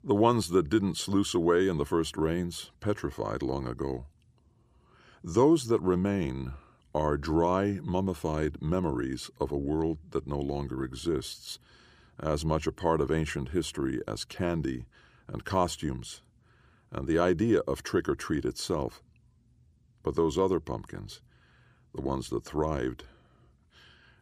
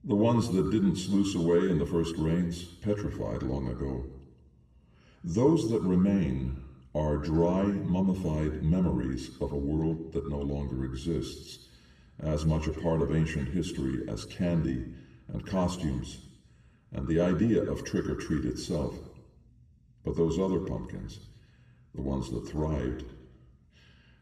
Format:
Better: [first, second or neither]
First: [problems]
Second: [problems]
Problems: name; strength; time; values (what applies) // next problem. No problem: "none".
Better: first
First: none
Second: room echo; slight; dies away in 0.9 s // off-mic speech; somewhat distant